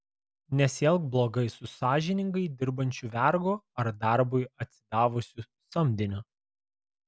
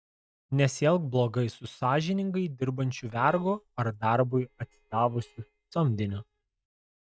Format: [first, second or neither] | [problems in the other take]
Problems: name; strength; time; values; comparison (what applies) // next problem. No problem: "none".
first | noise reduction (neural mask model DeepFilterNet 3)